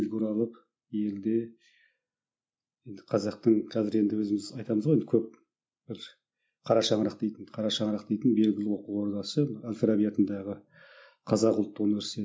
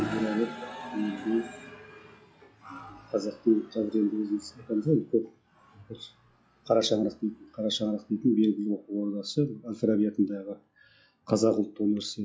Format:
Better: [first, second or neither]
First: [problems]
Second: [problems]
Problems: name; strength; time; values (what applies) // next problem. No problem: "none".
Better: first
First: none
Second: noise reduction (classical method log-MMSE)